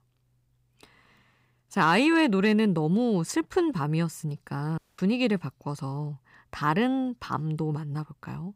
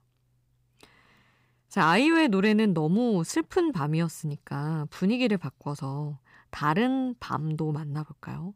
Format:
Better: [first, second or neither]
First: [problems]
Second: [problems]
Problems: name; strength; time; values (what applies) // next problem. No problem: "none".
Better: second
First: audio cutting out; at 5 s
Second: none